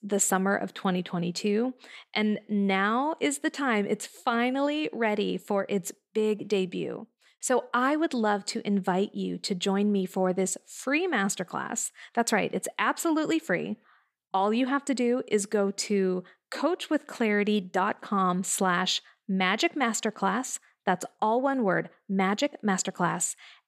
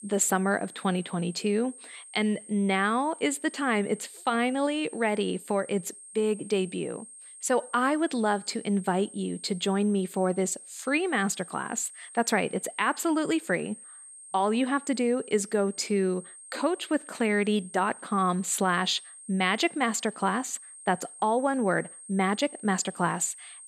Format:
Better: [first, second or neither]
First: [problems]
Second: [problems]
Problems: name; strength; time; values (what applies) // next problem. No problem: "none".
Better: first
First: none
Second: high-pitched whine; noticeable; throughout; 8.5 kHz, 15 dB below the speech